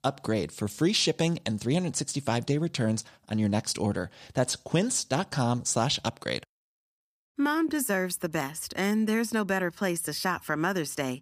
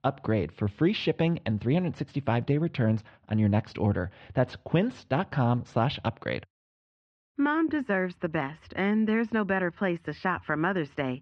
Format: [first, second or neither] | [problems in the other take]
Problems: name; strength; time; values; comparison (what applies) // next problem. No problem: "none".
first | muffled; very; fading above 3 kHz